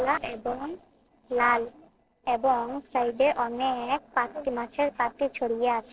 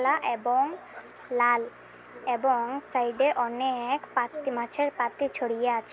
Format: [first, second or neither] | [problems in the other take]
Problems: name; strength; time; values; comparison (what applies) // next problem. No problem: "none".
second | noise reduction (neural separator model SepFormer DNS4)